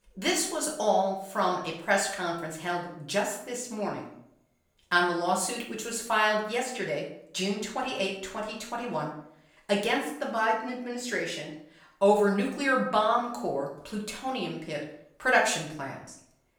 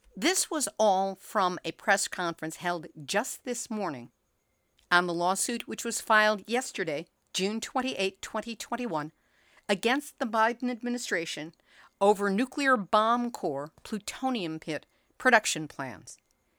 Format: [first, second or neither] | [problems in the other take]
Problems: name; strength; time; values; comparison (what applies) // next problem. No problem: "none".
second | room echo; slight; dies away in 0.5 s // off-mic speech; far